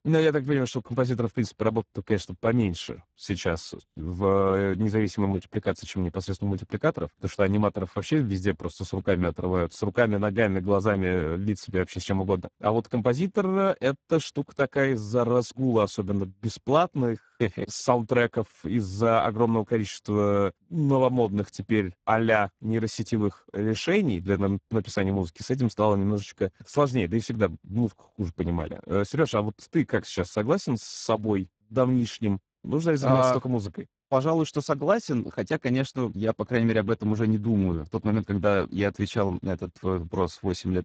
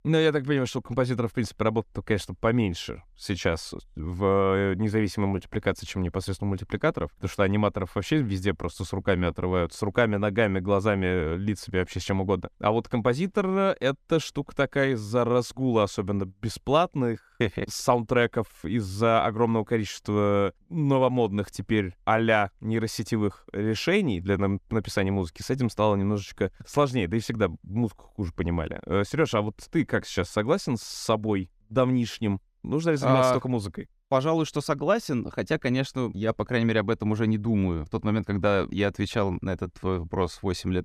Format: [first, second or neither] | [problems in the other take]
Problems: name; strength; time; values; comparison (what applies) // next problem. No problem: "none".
second | garbled, watery; badly; nothing above 7.5 kHz